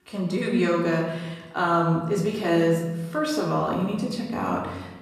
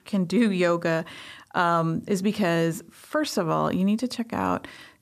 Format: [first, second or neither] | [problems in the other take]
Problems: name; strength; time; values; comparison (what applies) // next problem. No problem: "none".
second | off-mic speech; far // room echo; noticeable; dies away in 1.1 s